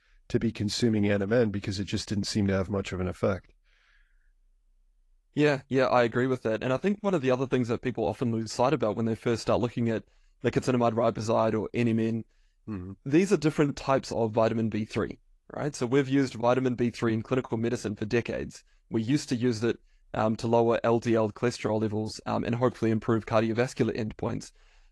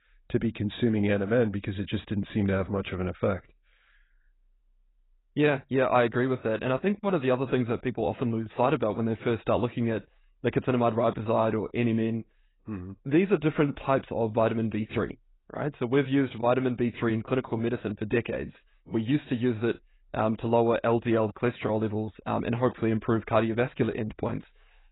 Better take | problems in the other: first | garbled, watery; badly; nothing above 4 kHz; slightly in the first

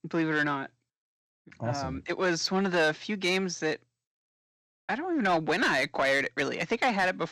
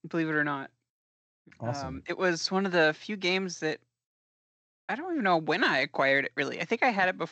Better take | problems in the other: second | distortion; slight; 10 dB below the speech

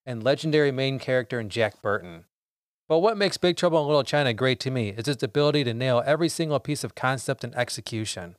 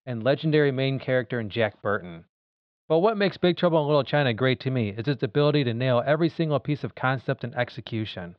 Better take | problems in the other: first | muffled; slightly; fading above 3.5 kHz

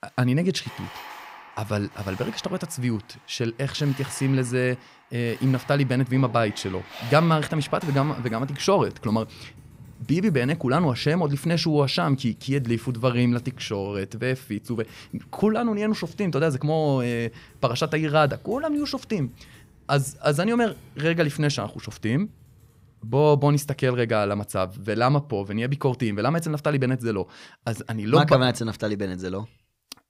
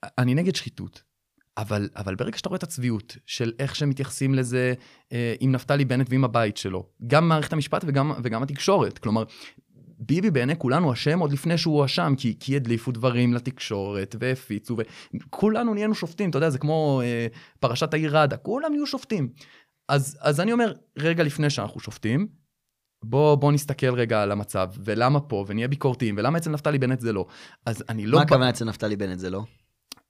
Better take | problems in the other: second | household noises; faint; until 24 s; 20 dB below the speech

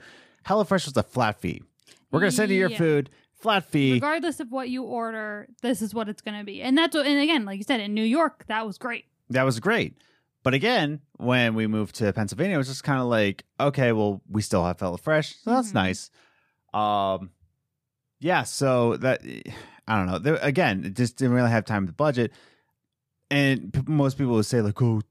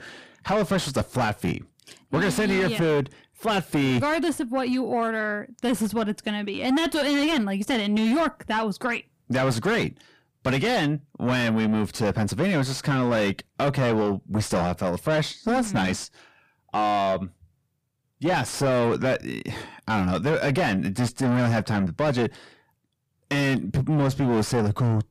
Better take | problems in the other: first | distortion; heavy; 7 dB below the speech

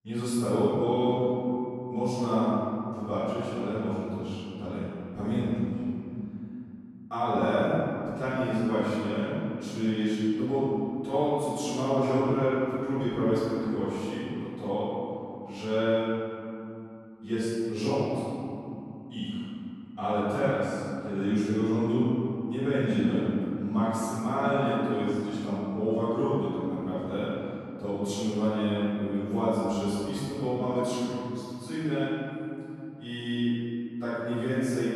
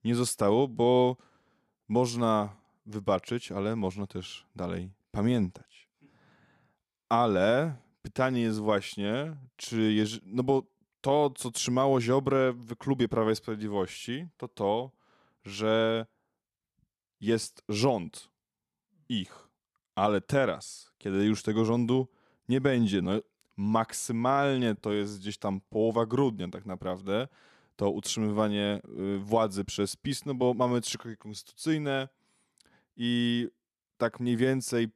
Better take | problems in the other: second | room echo; strong; dies away in 3 s // off-mic speech; far

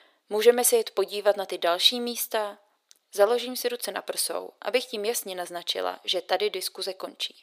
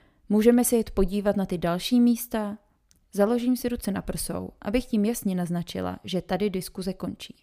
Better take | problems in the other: second | thin; very; fading below 400 Hz

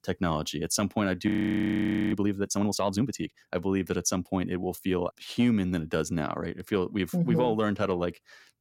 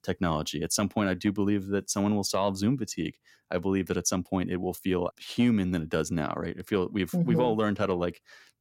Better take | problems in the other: second | audio freezing; at 1.5 s for 1 s

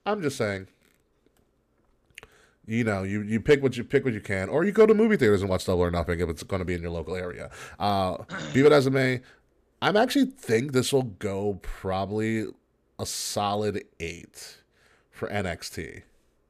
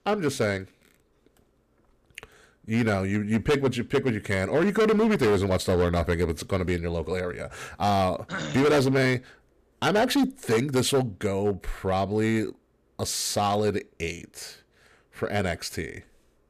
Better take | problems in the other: first | distortion; heavy; 7% of the sound clipped

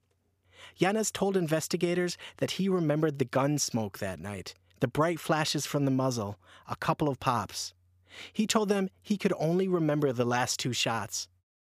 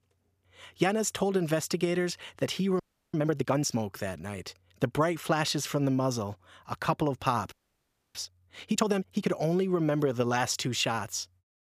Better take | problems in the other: first | audio freezing; at 3 s and at 7.5 s for 0.5 s

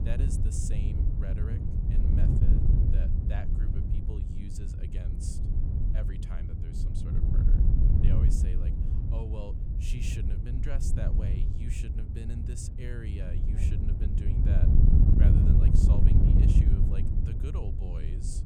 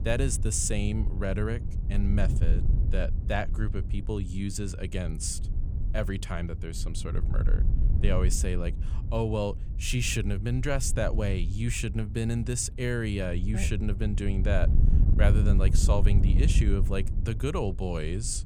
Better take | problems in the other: second | wind noise on the microphone; heavy; 4 dB above the speech; occasional gusts in the second

